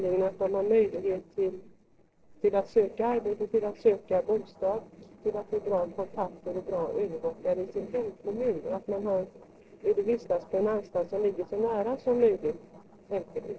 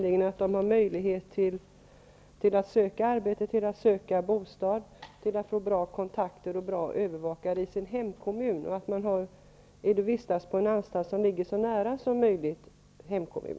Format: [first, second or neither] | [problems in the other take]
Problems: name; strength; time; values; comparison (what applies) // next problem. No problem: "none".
second | noise reduction (neural separator model SepFormer DNS4)